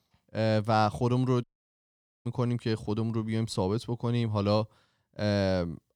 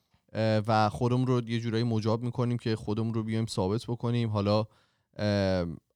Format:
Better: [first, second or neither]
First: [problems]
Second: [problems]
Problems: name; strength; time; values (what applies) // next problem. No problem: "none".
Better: second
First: audio cutting out; at 1.5 s for 1 s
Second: none